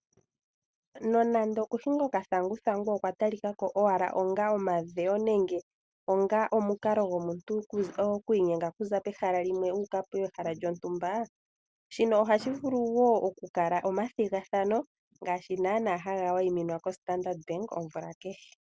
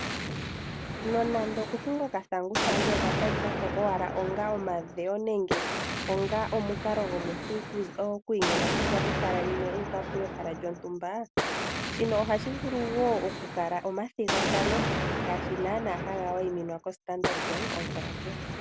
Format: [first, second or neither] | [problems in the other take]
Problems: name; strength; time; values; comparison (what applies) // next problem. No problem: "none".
first | background sound (Explosion); 1 dB below the speech